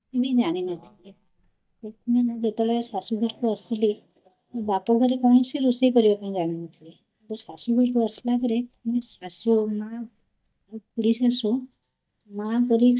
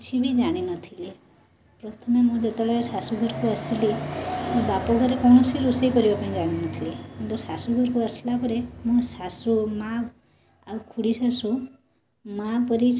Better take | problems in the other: second | noise reduction (neural mask model DeepFilterNet 3)

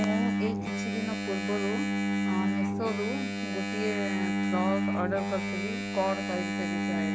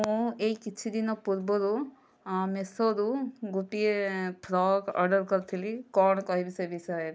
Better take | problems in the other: second | background sound (Engine); 4 dB above the speech

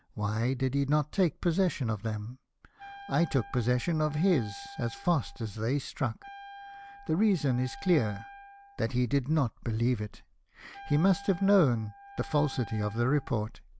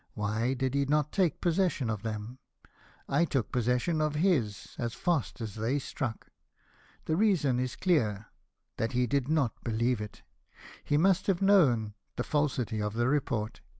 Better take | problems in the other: second | background sound (Wind instrument, woodwind instrument); 19 dB below the speech

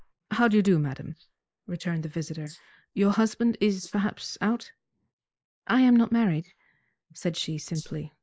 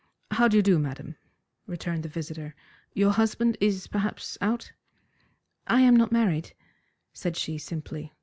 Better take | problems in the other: second | noise reduction (neural mask model Resemble Enhance denoiser)

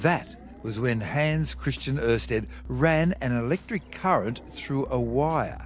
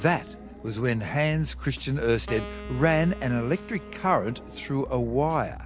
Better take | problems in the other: first | background sound (Wind instrument, woodwind instrument); 18 dB below the speech

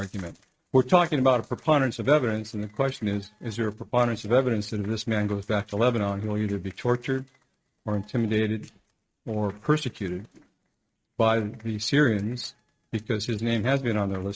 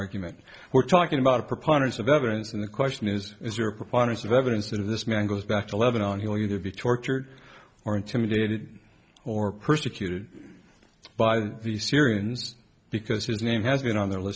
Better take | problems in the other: second | noise reduction (neural mask model RNNoise)

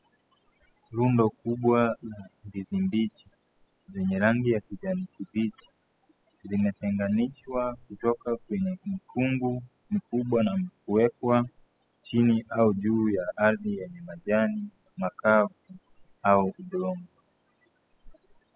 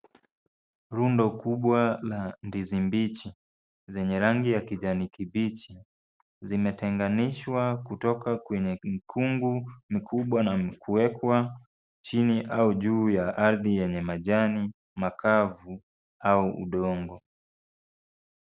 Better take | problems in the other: second | noise reduction (classical method spectral subtraction)

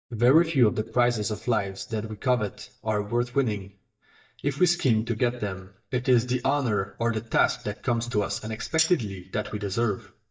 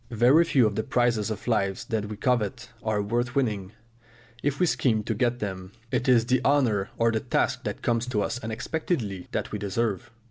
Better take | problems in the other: second | noise reduction (neural mask model DeepFilterNet 3)

